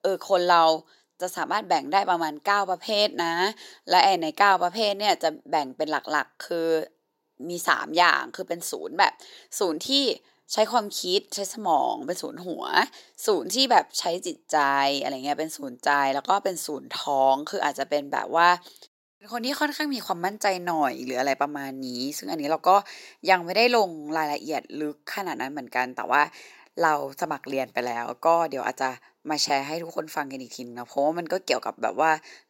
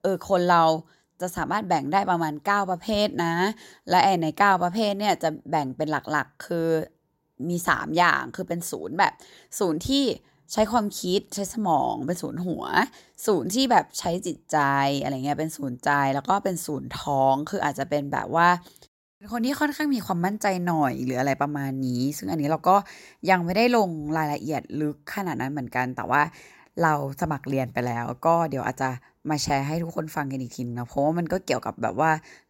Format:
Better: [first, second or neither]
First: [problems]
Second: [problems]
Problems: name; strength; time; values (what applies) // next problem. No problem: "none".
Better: second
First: thin; somewhat; fading below 400 Hz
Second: none